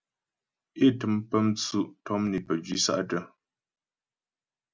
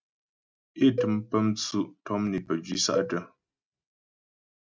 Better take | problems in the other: first | noise reduction (neural mask model RNNoise)

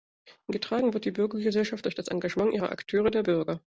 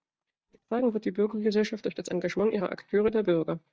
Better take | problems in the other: first | noise reduction (neural mask model DeepFilterNet 3)

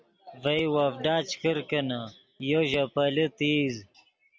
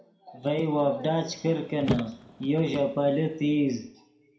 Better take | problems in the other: first | background sound (Car); 10 dB below the speech // room echo; dies away in 0.4 s

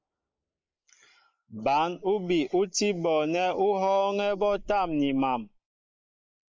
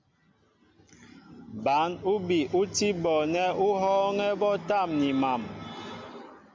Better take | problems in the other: second | noise reduction (neural mask model Resemble Enhance denoiser)

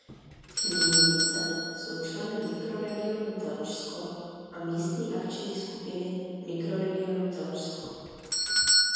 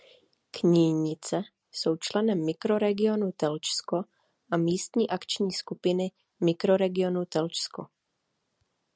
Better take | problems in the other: second | background sound (Doorbell); 3 dB above the speech // room echo; dies away in 2.1 s

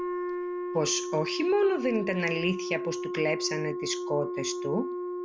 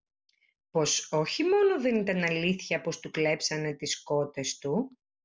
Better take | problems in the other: second | background sound (Wind instrument, woodwind instrument); 3 dB below the speech

